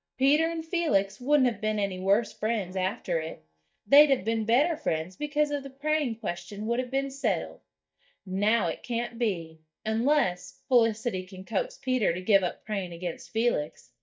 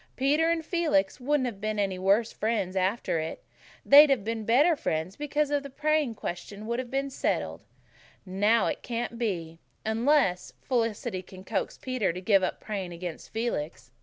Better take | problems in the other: second | noise reduction (neural mask model DeepFilterNet 3)

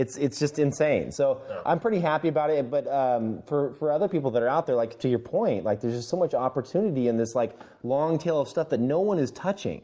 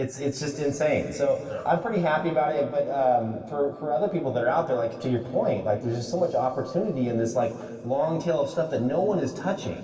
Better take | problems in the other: first | room echo; dies away in 2.4 s

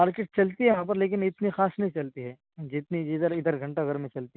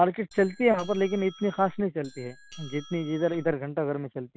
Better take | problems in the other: first | background sound (Doorbell); 19 dB below the speech

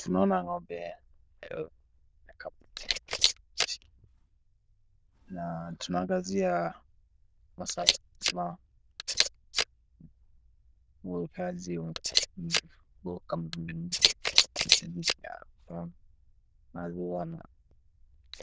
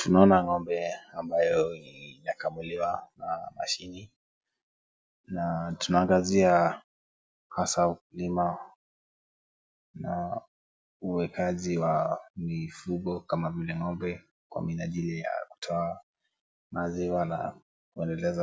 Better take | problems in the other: second | noise reduction (neural diffusion model UNIVERSE++)

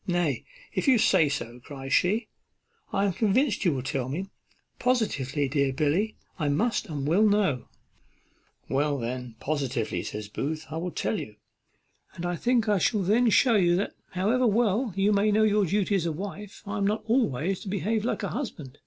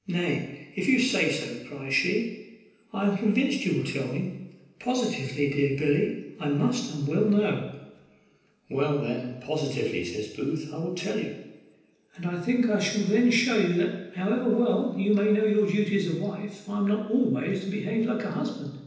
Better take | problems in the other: first | room echo; dies away in 0.9 s

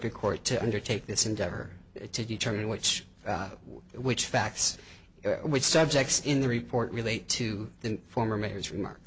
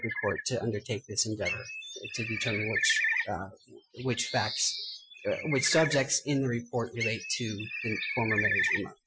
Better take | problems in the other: first | noise reduction (classical method Wiener filter)

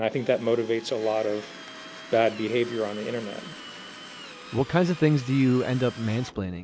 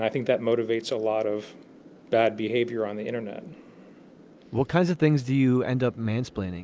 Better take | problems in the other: second | background sound (Drill); 17 dB below the speech

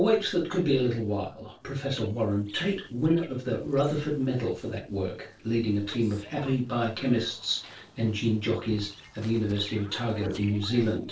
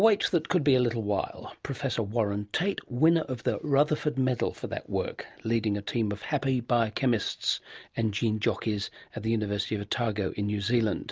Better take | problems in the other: second | noise reduction (neural separator model SepFormer DNS4)

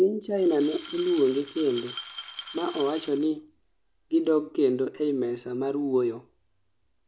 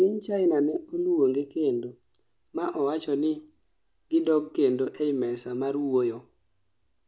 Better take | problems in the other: second | background sound (Glass); 15 dB below the speech

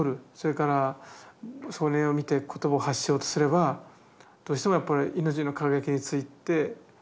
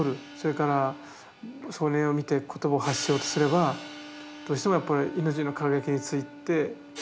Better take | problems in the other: first | background sound (Wind instrument, woodwind instrument + Hi-hat); 15 dB below the speech

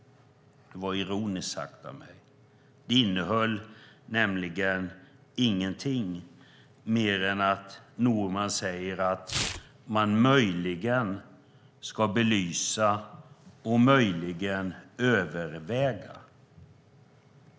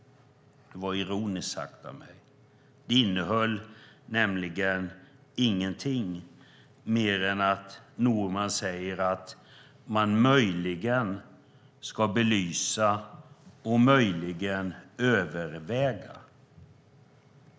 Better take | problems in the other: second | background sound (Tearing); 12 dB below the speech

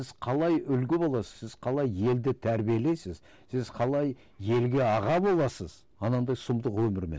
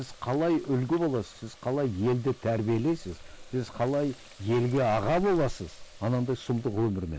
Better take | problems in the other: first | background sound (Water tap, faucet); 17 dB below the speech

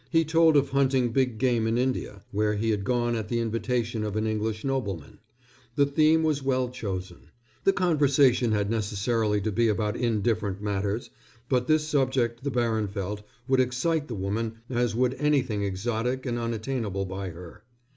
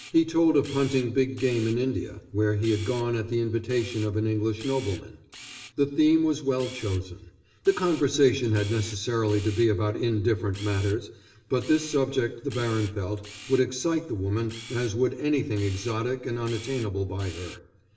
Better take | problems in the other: first | background sound (Camera); 20 dB below the speech // room echo; dies away in 0.8 s

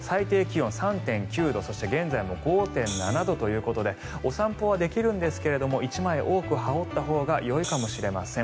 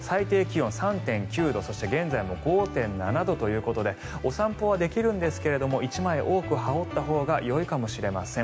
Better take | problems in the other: second | background sound (Hi-hat); 12 dB below the speech

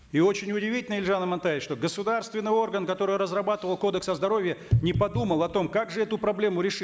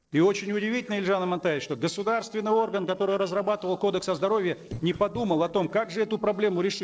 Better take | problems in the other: first | noise reduction (neural separator model SepFormer DNS4)

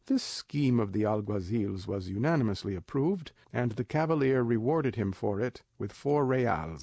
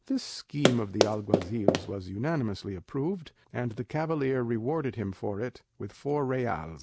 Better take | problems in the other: first | background sound (Run); 4 dB above the speech

